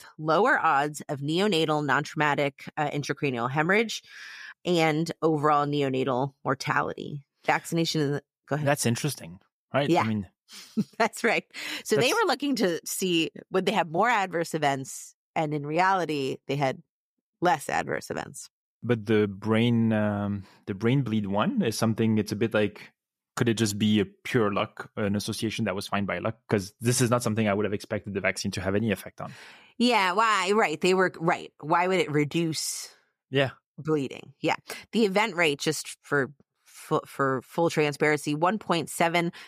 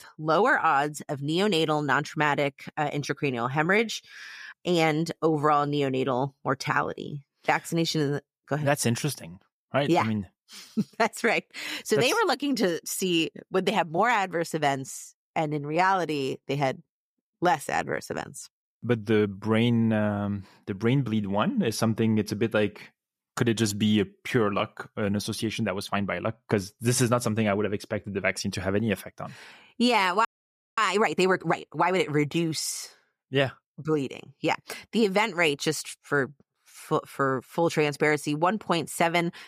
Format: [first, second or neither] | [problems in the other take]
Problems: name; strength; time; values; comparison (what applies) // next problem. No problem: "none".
first | audio freezing; at 30 s for 0.5 s